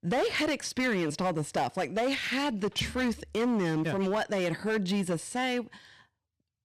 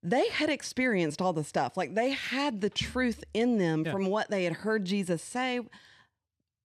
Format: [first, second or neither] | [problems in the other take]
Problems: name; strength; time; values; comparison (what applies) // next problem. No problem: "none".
second | distortion; slight; 13% of the sound clipped